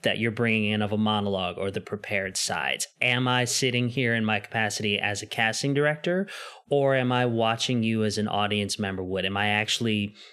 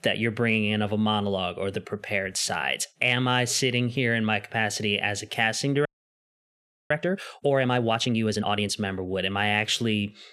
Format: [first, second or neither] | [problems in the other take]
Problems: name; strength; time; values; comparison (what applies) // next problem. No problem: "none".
first | audio freezing; at 6 s for 1 s